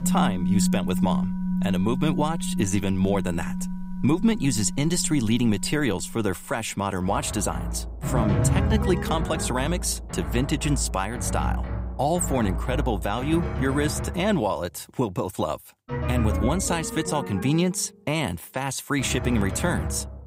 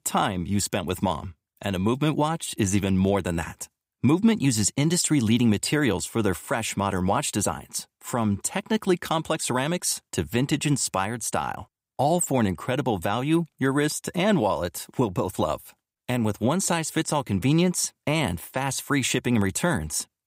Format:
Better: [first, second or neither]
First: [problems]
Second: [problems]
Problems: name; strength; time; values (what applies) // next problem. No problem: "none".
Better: second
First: background music; loud; throughout; 3 dB below the speech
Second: none